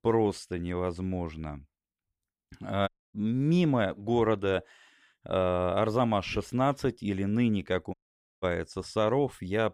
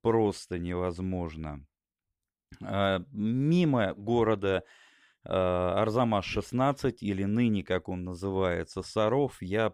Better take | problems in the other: second | audio cutting out; at 3 s and at 8 s

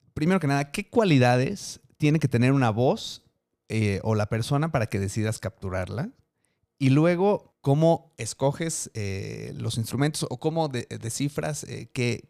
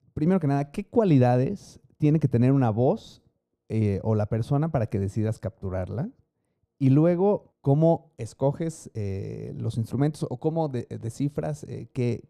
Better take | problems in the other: first | muffled; slightly; fading above 1 kHz

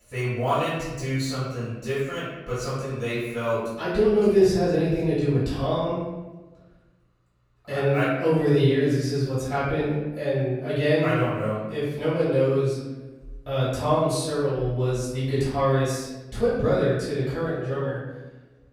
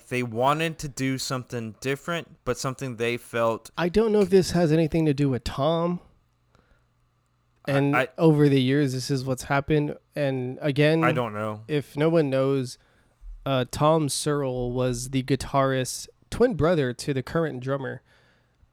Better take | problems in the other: second | off-mic speech; far // room echo; noticeable; dies away in 1 s

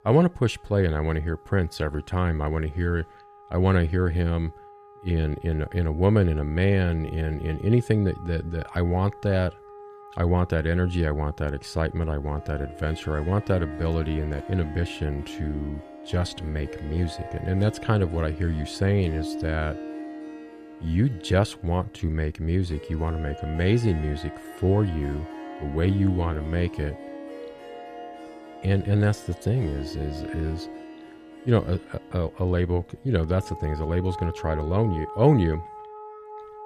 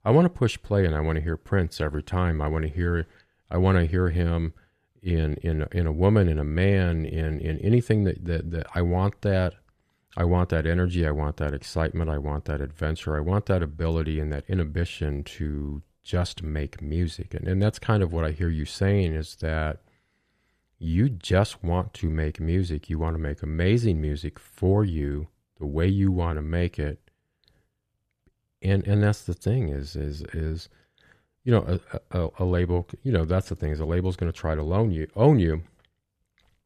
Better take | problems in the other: second | background music; noticeable; throughout; 15 dB below the speech

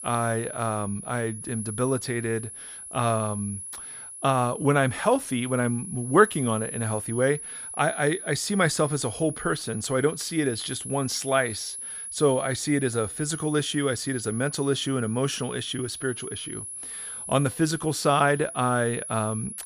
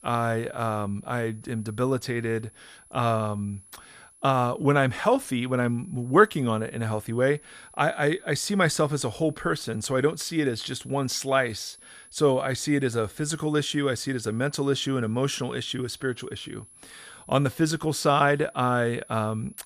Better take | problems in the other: second | high-pitched whine; loud; throughout; 10.5 kHz, 9 dB below the speech; faint in the second

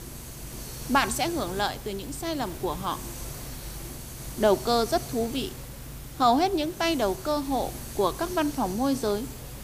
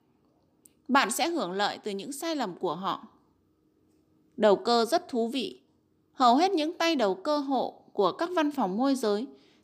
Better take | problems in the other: second | hiss; noticeable; throughout; 10 dB below the speech

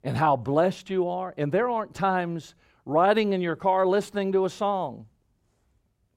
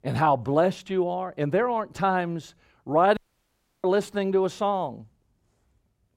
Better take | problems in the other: first | audio cutting out; at 3 s for 0.5 s

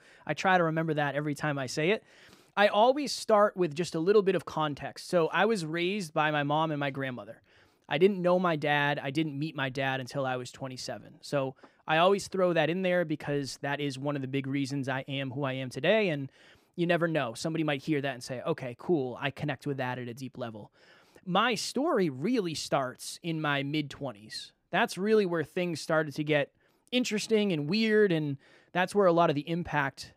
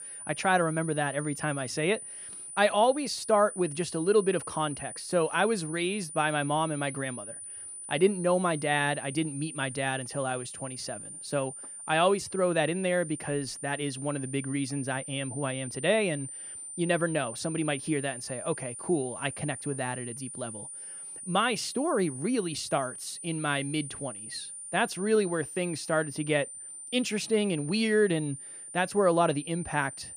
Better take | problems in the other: first | high-pitched whine; loud; throughout; 9 kHz, 10 dB below the speech

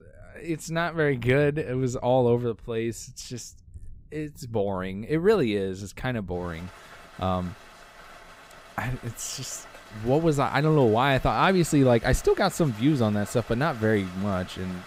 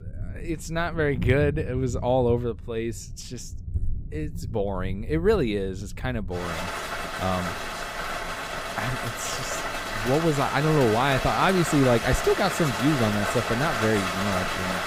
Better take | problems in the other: first | rain or running water; loud; throughout; 5 dB below the speech; faint in the first

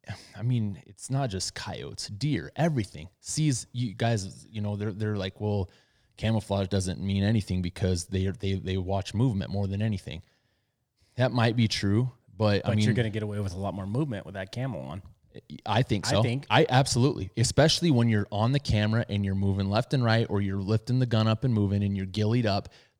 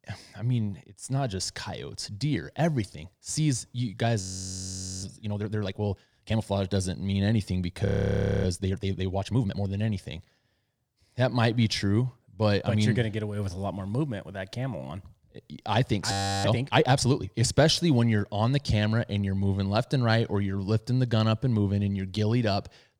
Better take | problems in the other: first | audio freezing; at 4 s for 1 s, at 8 s for 0.5 s and at 16 s

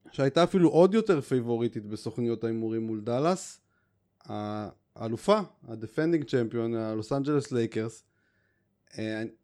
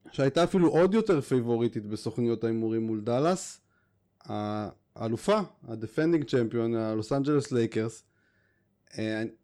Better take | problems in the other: first | distortion; slight; 10 dB below the speech

